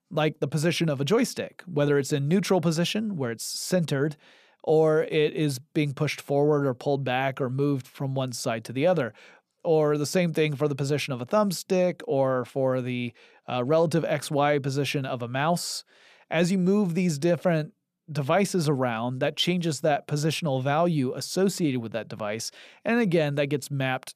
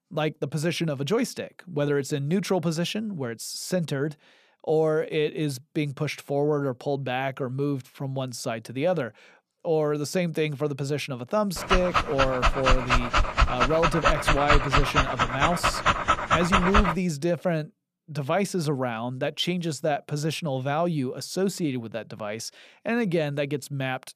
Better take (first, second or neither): first